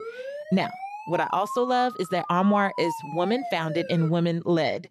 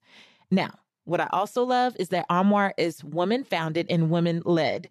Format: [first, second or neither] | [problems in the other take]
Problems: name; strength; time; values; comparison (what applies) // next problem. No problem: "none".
second | siren; noticeable; until 4 s; peak 8 dB below the speech